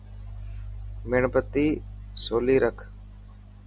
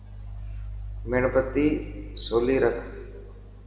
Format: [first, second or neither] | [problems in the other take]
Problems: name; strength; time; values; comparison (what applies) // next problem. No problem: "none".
first | room echo; dies away in 1.6 s